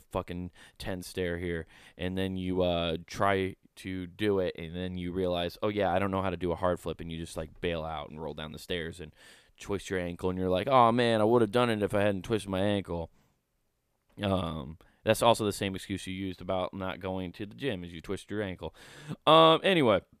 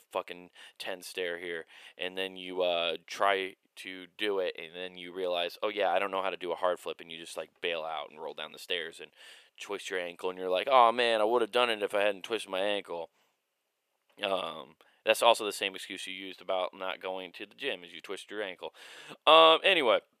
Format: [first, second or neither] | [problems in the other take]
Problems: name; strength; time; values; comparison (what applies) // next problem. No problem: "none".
first | thin; very; fading below 550 Hz